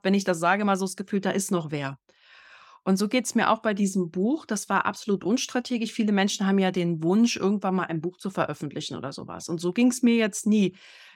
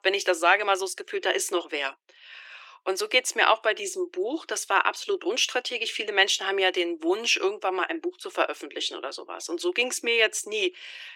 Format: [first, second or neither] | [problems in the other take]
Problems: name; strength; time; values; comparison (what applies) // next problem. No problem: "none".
first | thin; very; fading below 350 Hz